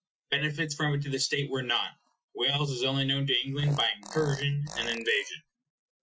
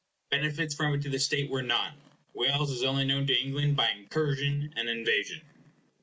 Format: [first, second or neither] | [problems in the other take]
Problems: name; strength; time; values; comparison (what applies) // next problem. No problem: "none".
second | noise reduction (classical method Wiener filter)